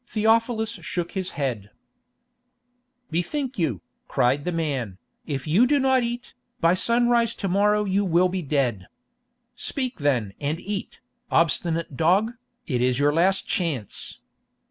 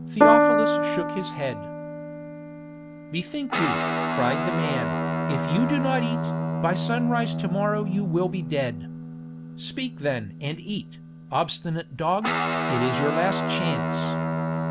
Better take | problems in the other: first | background sound (Piano + Guitar); 2 dB above the speech

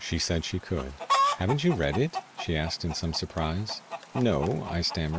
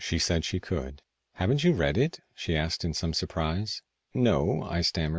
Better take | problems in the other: second | background sound (Chicken, rooster); 5 dB below the speech

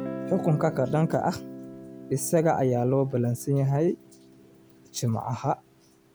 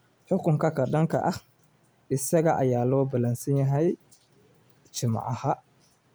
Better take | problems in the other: second | background sound (Guitar); 13 dB below the speech

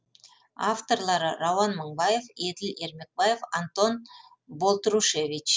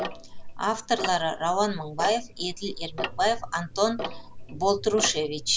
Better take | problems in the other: first | background sound (Tick-tock); 8 dB below the speech

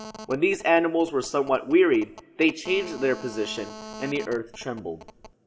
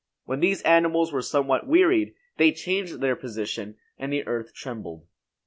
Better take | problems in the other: second | background sound (Telephone); 18 dB below the speech // room echo; dies away in 0.7 s

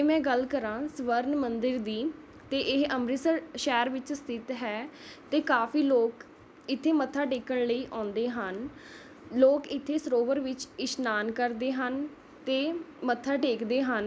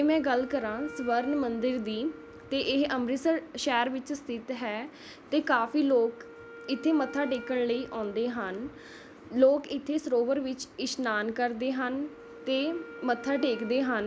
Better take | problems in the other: first | background sound (Wind instrument, woodwind instrument); 18 dB below the speech

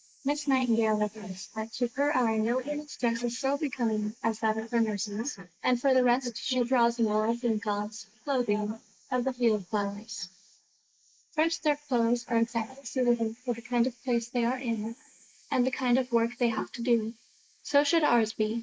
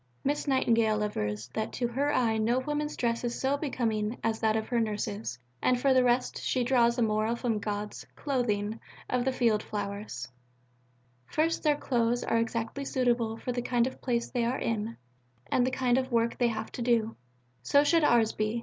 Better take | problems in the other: second | noise reduction (neural mask model Resemble Enhance denoiser)

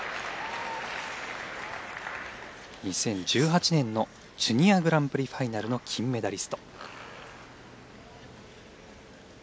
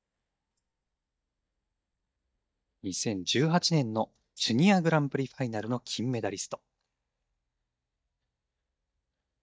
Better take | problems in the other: first | noise reduction (neural mask model DeepFilterNet 3)

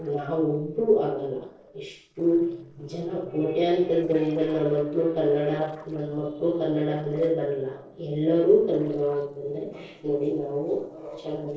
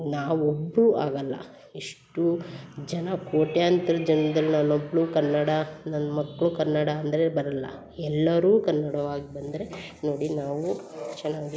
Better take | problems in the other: second | noise reduction (neural separator model SepFormer DNS4)

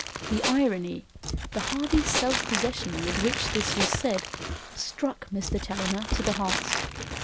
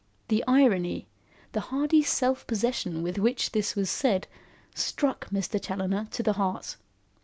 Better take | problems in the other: second | background sound (Crumpling, crinkling + Tools); 1 dB below the speech

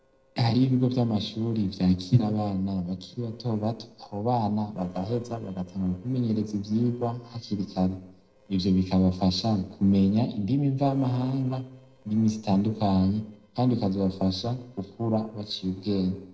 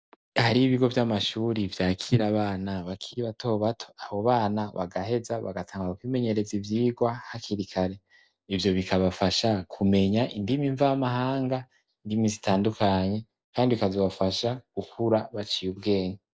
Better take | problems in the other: second | noise reduction (neural separator model SepFormer DNS4)

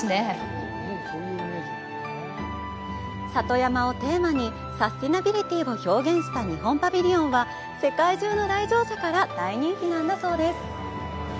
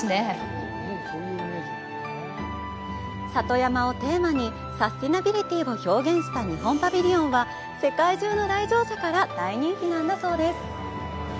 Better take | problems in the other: first | background sound (Breathing); 14 dB below the speech

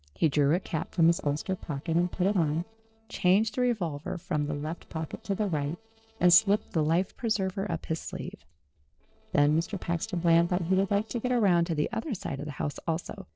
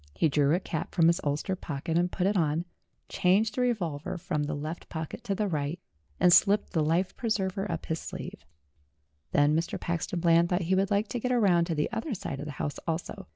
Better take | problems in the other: second | noise reduction (neural separator model SepFormer DNS4)

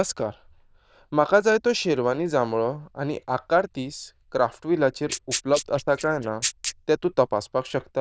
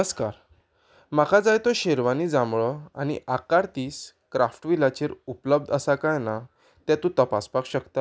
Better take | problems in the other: second | noise reduction (neural diffusion model UNIVERSE++)

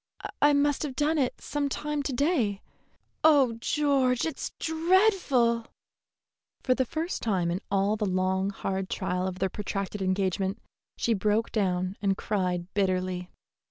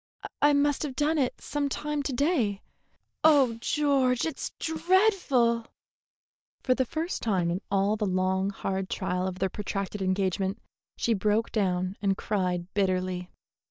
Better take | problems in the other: first | noise reduction (neural mask model DeepFilterNet 3)

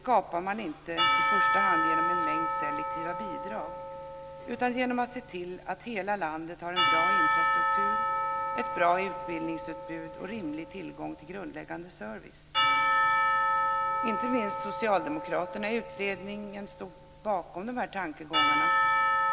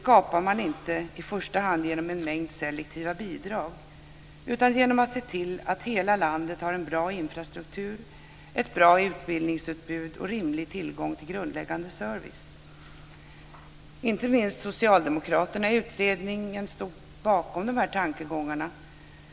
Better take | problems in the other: second | background sound (Church bell / Percussion); 4 dB above the speech

